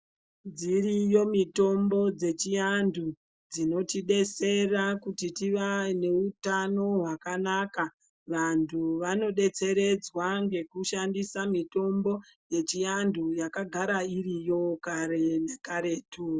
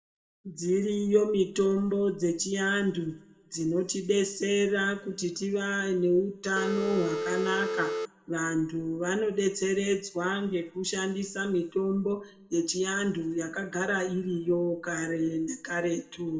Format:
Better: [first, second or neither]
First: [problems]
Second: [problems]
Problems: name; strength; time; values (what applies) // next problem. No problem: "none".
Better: first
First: none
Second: background sound (Telephone); 2 dB below the speech // room echo; dies away in 0.9 s